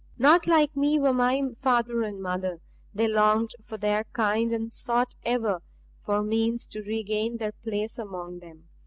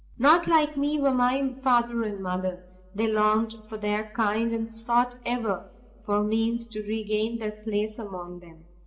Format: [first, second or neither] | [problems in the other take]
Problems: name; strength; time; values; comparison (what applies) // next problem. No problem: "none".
first | room echo; dies away in 0.8 s